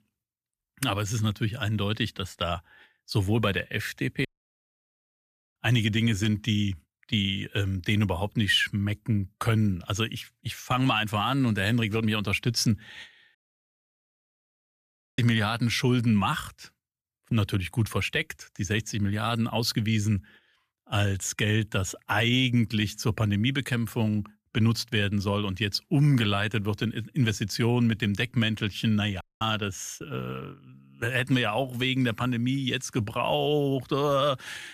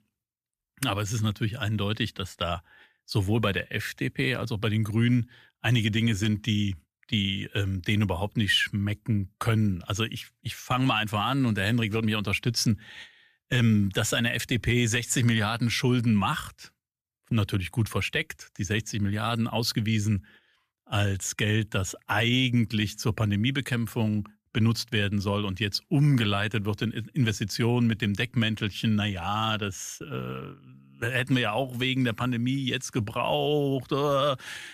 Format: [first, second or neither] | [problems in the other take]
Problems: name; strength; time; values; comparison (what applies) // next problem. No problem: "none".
second | audio cutting out; at 4.5 s for 1.5 s, at 13 s for 2 s and at 29 s